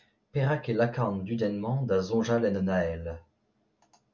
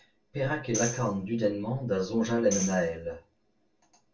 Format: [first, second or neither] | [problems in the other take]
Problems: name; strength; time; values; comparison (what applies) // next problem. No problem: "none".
first | background sound (Tambourine); 10 dB below the speech // room echo; dies away in 0.2 s